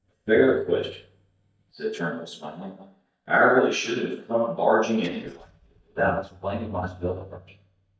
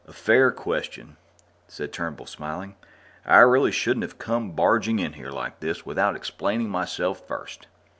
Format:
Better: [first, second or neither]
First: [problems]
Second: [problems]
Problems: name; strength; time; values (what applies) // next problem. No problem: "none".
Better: second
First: noise reduction (neural mask model DeepFilterNet 3)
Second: none